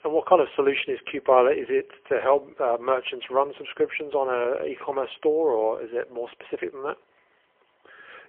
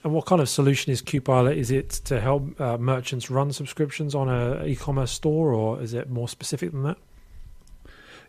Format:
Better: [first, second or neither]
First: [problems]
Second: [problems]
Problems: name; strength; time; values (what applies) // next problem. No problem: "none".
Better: second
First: phone-call audio; poor line; nothing above 3.5 kHz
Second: none